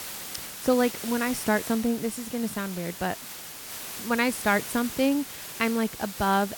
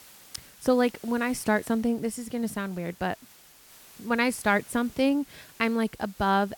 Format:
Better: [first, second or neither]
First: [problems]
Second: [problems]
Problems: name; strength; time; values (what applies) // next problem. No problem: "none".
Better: second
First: hiss; loud; throughout; 9 dB below the speech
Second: hiss; faint; throughout; 20 dB below the speech